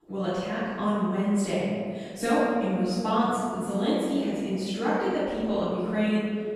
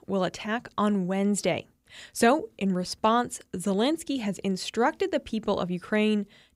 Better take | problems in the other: second | off-mic speech; far // room echo; strong; dies away in 2.2 s

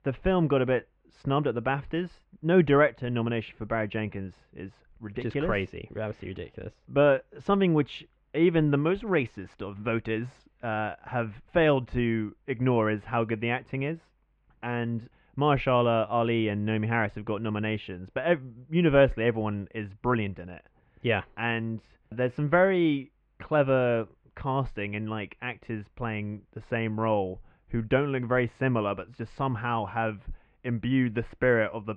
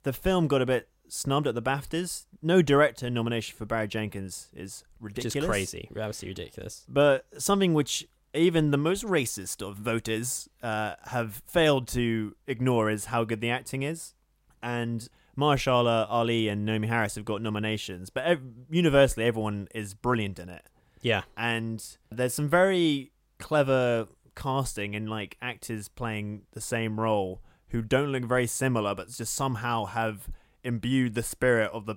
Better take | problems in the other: second | muffled; very; fading above 2.5 kHz

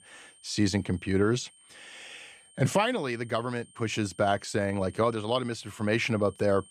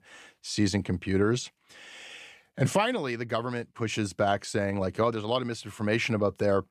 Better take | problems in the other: second | high-pitched whine; faint; throughout; 8.5 kHz, 25 dB below the speech

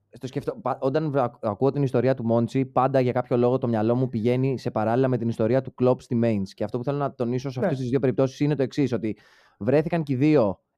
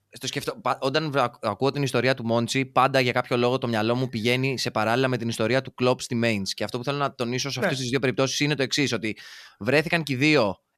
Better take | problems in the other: second | muffled; very; fading above 1.5 kHz

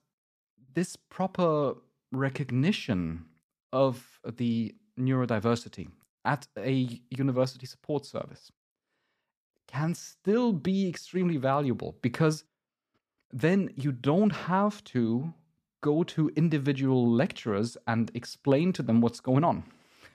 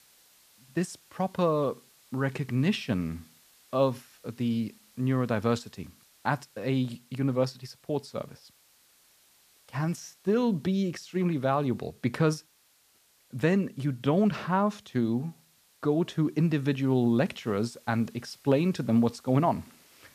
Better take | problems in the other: first | hiss; faint; throughout; 30 dB below the speech

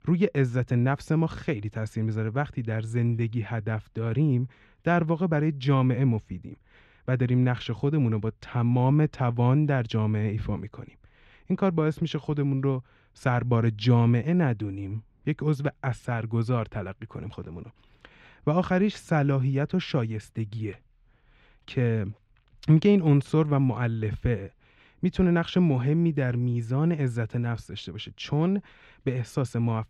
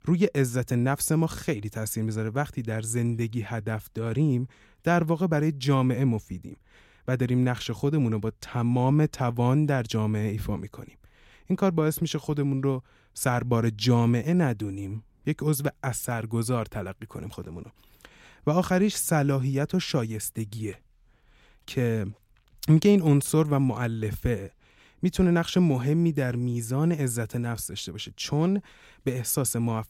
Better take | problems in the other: second | muffled; slightly; fading above 3 kHz

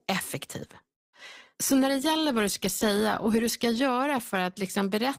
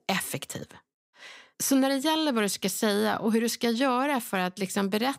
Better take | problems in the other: second | garbled, watery; slightly; nothing above 15.5 kHz

